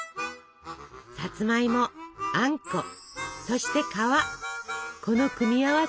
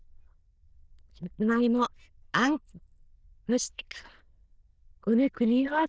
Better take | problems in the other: first | noise reduction (neural diffusion model UNIVERSE++)

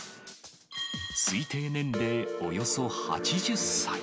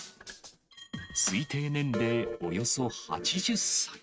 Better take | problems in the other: first | noise reduction (neural mask model RNNoise)

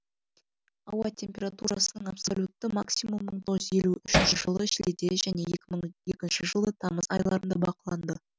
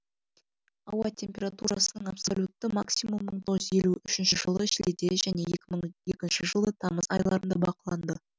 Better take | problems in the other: second | background sound (Hammer); 3 dB above the speech

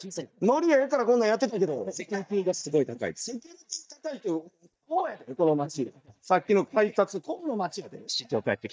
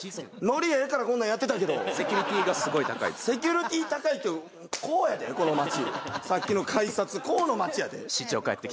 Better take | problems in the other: second | noise reduction (neural mask model DeepFilterNet 3)

